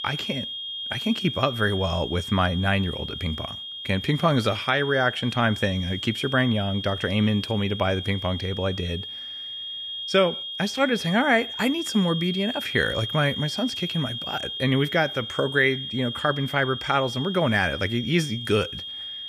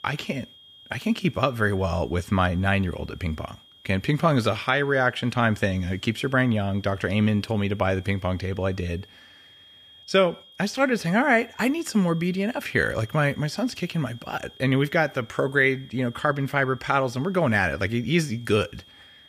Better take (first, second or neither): second